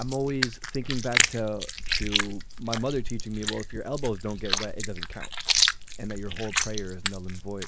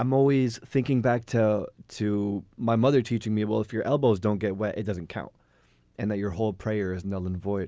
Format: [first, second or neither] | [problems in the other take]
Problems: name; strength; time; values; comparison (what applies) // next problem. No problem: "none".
second | background sound (Chewing, mastication); 4 dB above the speech